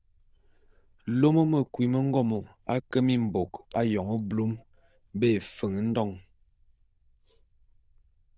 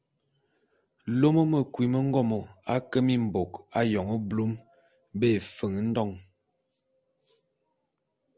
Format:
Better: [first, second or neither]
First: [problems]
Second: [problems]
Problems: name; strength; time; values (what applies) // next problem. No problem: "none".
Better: second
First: noise reduction (neural diffusion model UNIVERSE++)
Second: none